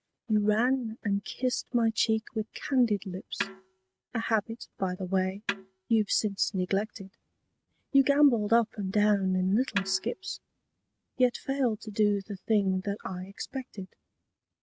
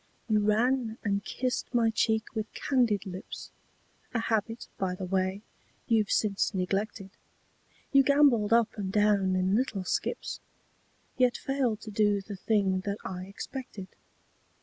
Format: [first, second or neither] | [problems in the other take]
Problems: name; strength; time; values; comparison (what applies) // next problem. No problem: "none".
second | noise reduction (neural mask model RNNoise)